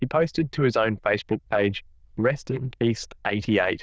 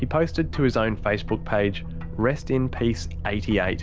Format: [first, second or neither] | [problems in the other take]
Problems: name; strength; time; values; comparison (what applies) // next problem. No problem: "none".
second | noise reduction (neural diffusion model UNIVERSE++)